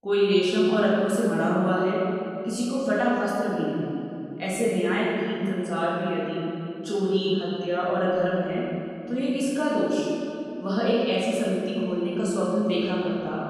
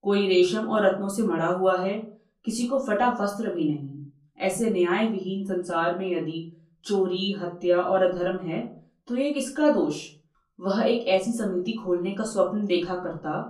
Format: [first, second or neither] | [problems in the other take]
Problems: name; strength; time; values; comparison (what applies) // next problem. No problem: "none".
second | room echo; strong; dies away in 2.5 s; slight in the second // off-mic speech; far; far in the second